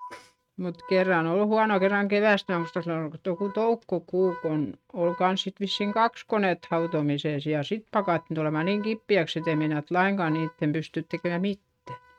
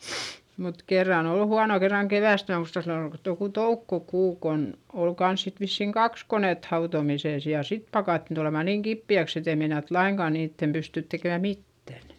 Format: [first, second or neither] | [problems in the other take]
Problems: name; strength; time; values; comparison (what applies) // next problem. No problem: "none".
second | noise reduction (neural mask model RNNoise)